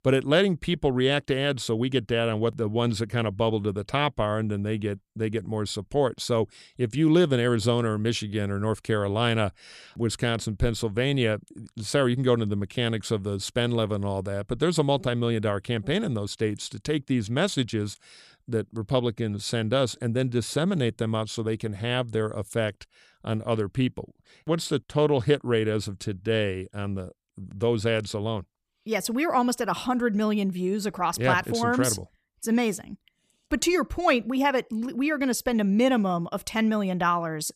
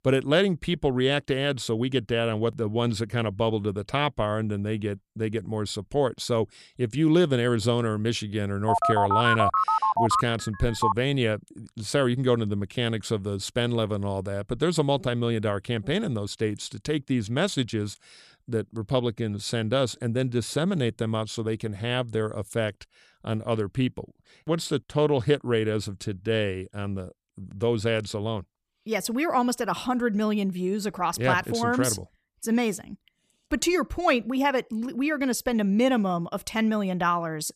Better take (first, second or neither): first